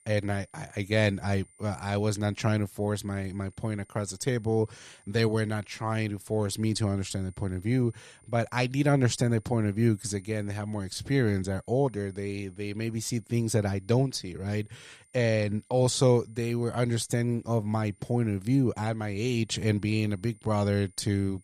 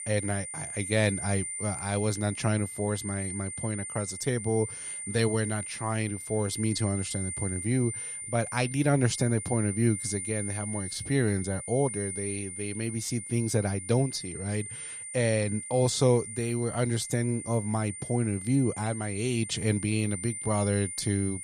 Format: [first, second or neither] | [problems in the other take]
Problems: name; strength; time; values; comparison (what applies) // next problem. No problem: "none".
first | high-pitched whine; loud; throughout; 9 kHz, 6 dB below the speech; faint in the first